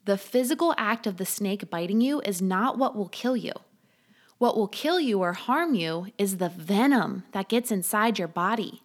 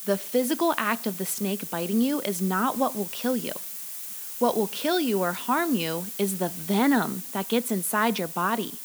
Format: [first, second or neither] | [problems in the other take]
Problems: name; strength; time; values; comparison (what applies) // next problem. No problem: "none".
first | hiss; loud; throughout; 8 dB below the speech